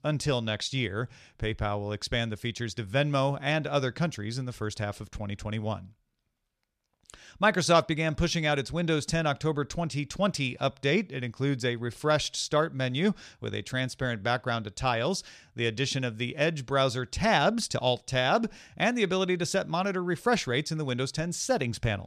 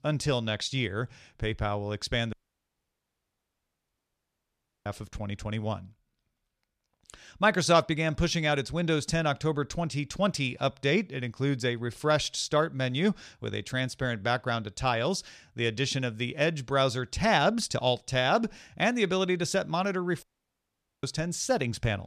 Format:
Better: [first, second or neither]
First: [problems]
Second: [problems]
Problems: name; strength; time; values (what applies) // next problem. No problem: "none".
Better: first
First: none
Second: audio cutting out; at 2.5 s for 2.5 s and at 20 s for 1 s